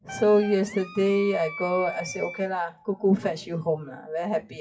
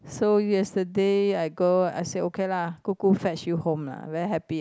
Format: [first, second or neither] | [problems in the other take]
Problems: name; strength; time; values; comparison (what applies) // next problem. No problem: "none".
second | noise reduction (classical method WPE with log-MMSE)